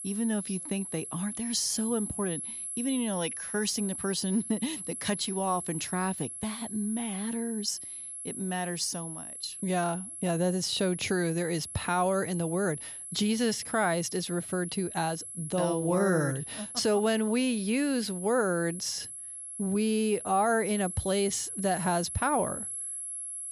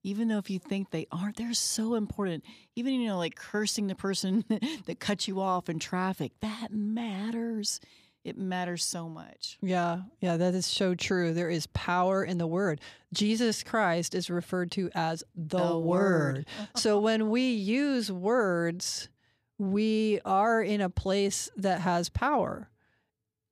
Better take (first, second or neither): second